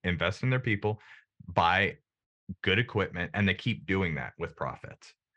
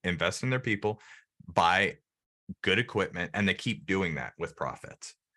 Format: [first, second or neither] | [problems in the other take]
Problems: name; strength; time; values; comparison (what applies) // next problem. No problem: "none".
second | muffled; very slightly; fading above 3.5 kHz